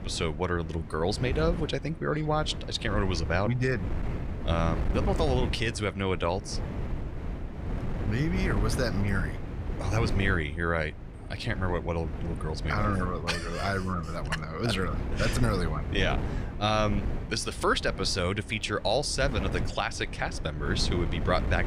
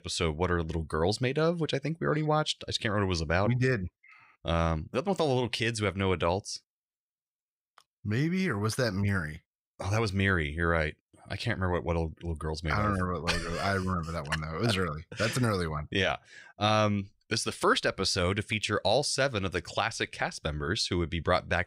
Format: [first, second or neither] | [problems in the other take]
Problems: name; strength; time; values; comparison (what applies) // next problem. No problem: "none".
second | wind noise on the microphone; occasional gusts; 10 dB below the speech